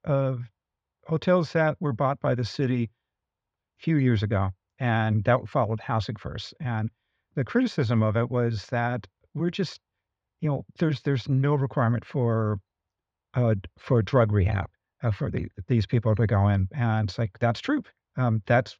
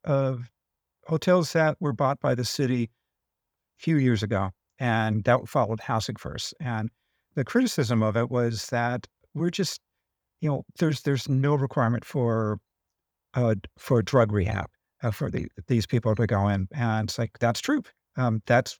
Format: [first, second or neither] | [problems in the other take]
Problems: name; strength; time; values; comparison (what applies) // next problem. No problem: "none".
second | muffled; very slightly; fading above 4 kHz